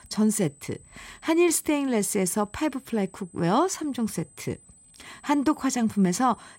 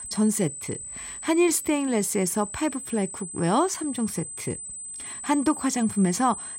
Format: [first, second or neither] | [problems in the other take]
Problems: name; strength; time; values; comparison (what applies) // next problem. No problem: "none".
first | high-pitched whine; loud; throughout; 8 kHz, 9 dB below the speech; faint in the first